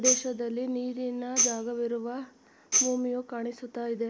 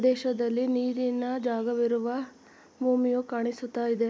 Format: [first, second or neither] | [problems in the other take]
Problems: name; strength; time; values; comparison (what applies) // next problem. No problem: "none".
second | background sound (Tambourine); as loud as the speech